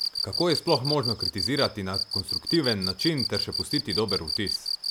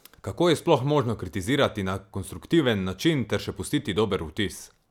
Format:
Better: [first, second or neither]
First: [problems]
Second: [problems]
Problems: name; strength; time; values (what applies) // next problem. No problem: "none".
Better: second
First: background sound (Cricket); 2 dB below the speech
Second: none